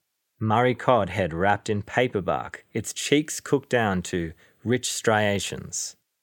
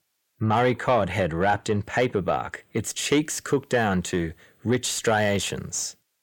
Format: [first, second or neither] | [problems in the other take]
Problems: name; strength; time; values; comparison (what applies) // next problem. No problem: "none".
first | distortion; slight; 10 dB below the speech